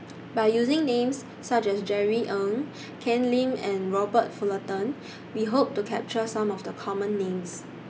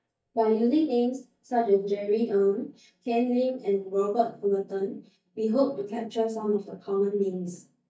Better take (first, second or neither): first